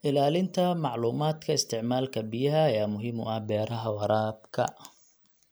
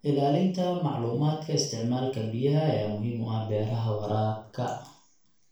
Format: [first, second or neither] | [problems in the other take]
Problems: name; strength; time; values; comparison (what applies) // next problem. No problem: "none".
first | room echo; dies away in 0.4 s